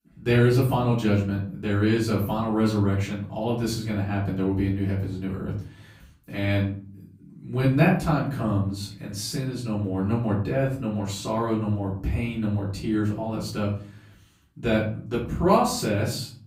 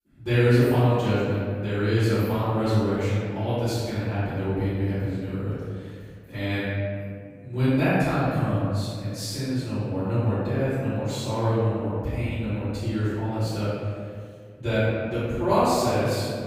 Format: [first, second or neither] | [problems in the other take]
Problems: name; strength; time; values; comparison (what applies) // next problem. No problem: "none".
first | room echo; strong; dies away in 2 s; slight in the first // off-mic speech; far; far in the first